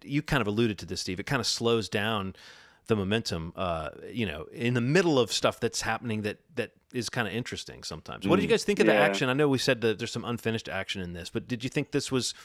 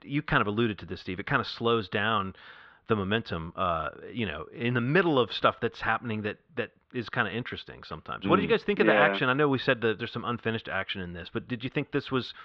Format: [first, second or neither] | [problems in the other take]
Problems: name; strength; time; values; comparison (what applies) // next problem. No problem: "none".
first | muffled; very; fading above 3.5 kHz